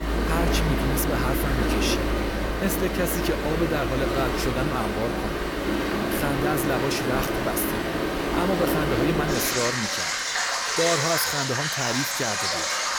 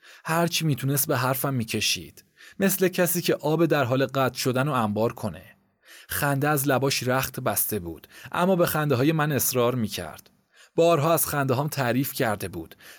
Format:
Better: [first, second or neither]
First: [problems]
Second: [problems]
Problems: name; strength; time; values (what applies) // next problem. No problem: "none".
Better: second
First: rain or running water; very loud; throughout; 3 dB above the speech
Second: none